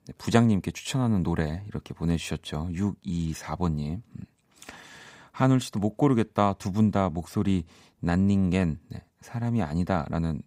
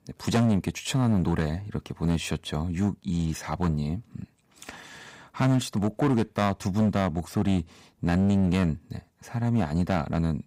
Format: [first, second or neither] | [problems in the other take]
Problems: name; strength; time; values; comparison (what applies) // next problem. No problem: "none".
first | distortion; slight; 9% of the sound clipped